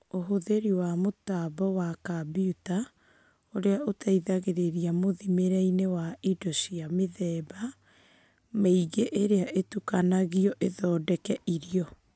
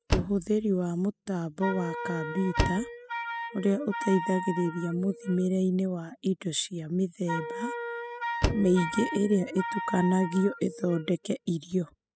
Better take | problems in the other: first | noise reduction (classical method spectral subtraction)

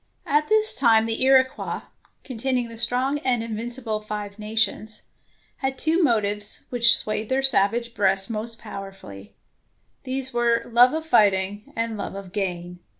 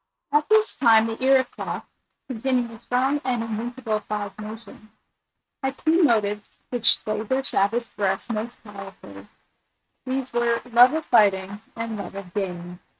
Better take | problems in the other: first | noise reduction (neural mask model RNNoise)

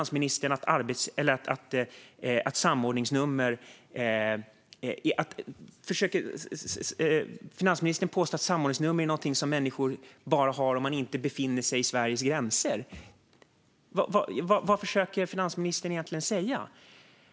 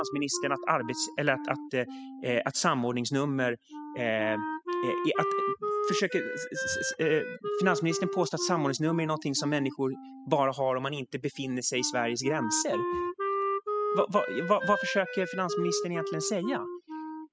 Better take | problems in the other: first | noise reduction (classical method spectral subtraction)

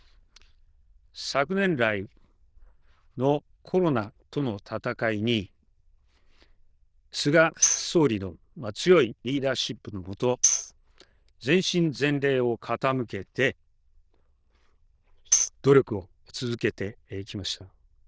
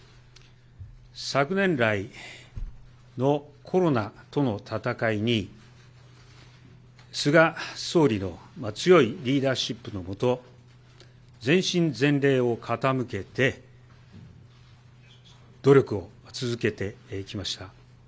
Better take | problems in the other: second | noise reduction (neural diffusion model UNIVERSE++)

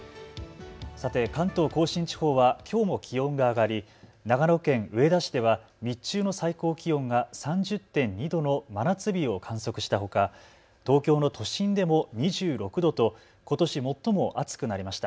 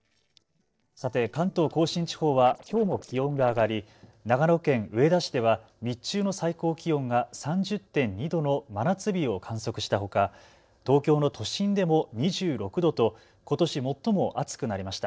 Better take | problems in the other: first | noise reduction (neural separator model SepFormer DNS4)

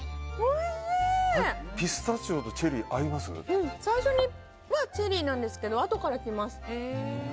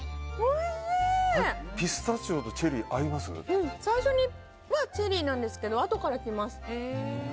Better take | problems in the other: second | background sound (Thump, thud); 14 dB below the speech

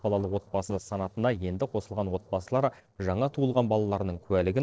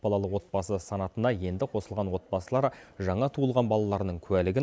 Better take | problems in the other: second | noise reduction (neural separator model SepFormer DNS4)

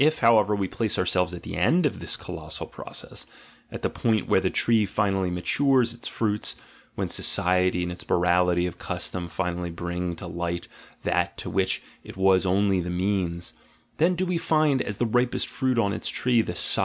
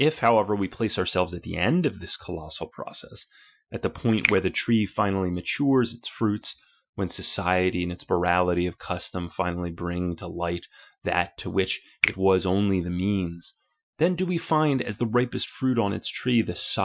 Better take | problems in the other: first | noise reduction (classical method Wiener filter)

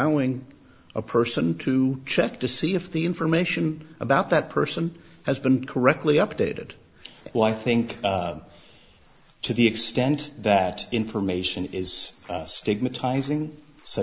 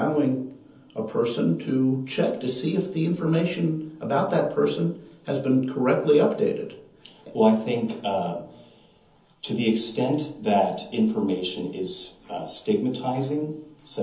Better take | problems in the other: first | room echo; dies away in 0.7 s

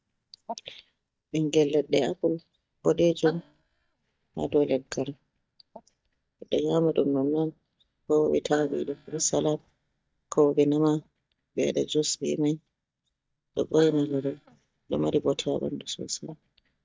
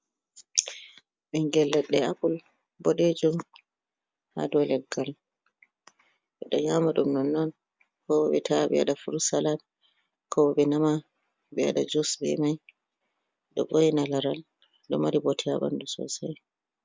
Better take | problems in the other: second | noise reduction (neural mask model DeepFilterNet 3)

